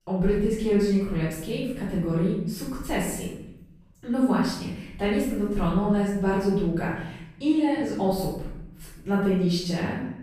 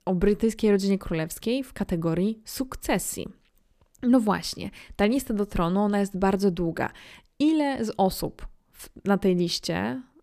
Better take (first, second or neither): second